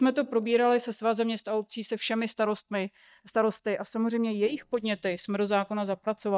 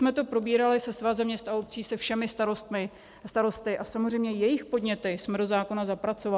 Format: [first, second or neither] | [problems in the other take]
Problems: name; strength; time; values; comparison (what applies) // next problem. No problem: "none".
second | noise reduction (neural mask model DeepFilterNet 3)